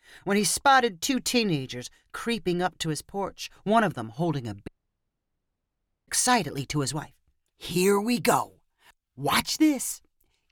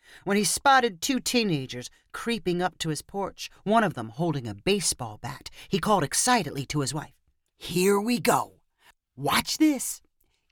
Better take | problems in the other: second | audio cutting out; at 4.5 s for 1.5 s

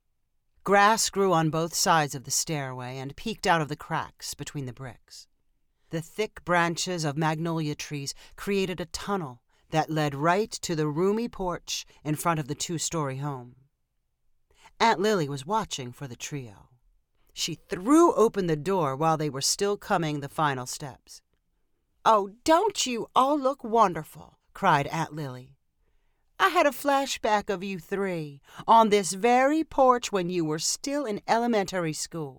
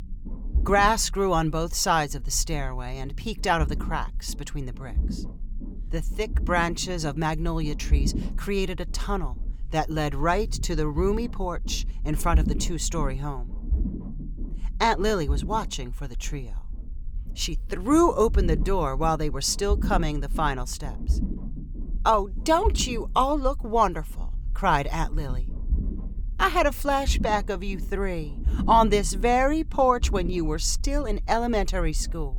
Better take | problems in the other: first | low rumble; faint; throughout; 20 dB below the speech

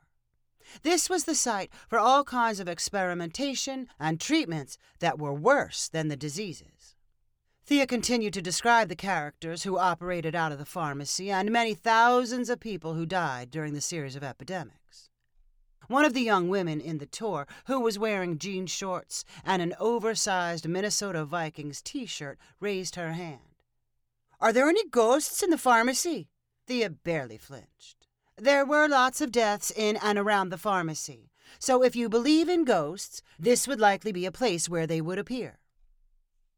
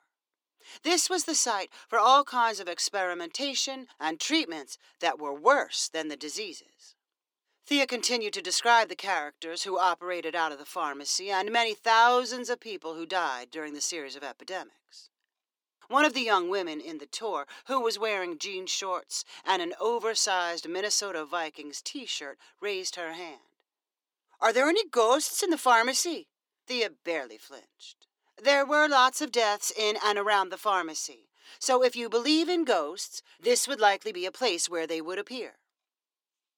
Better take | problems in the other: first | thin; somewhat; fading below 300 Hz

